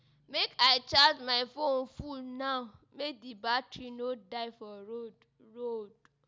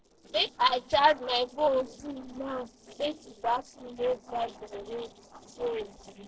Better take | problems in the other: first | noise reduction (neural separator model SepFormer DNS4)

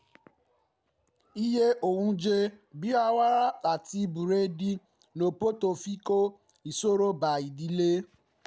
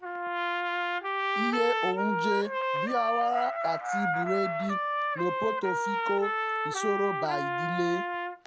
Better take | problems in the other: first | background sound (Trumpet); 2 dB above the speech

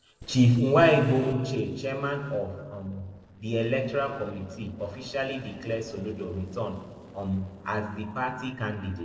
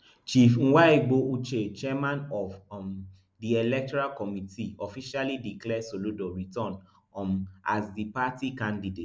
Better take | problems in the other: second | noise reduction (neural separator model SepFormer DNS4)

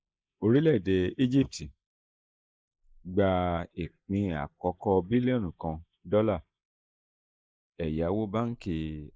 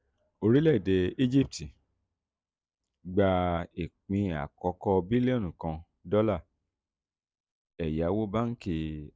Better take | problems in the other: second | noise reduction (neural mask model Resemble Enhance denoiser)

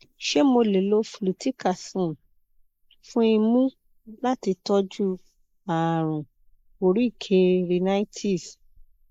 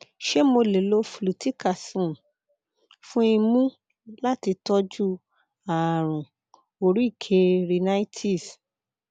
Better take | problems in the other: second | noise reduction (neural mask model Resemble Enhance denoiser)

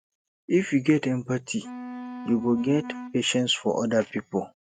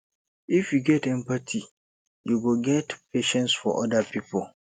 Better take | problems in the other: second | noise reduction (neural mask model RNNoise)

